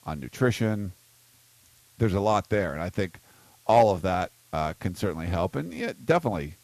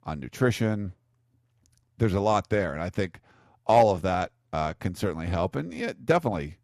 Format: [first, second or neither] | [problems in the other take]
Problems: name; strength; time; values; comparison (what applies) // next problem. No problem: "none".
second | hiss; faint; throughout; 30 dB below the speech